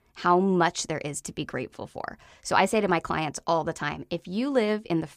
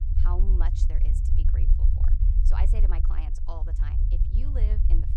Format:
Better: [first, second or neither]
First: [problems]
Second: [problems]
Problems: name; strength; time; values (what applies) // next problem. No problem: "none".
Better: first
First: none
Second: low rumble; loud; throughout; 2 dB below the speech